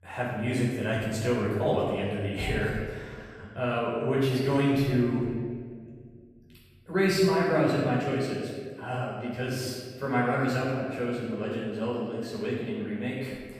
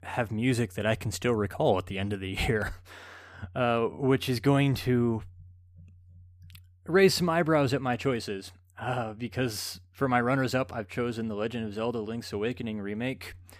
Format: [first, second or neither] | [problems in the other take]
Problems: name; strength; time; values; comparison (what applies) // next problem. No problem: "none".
second | off-mic speech; far // room echo; strong; dies away in 1.6 s